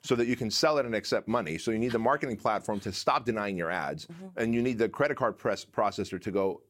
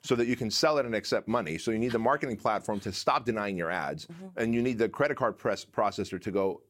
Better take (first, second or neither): neither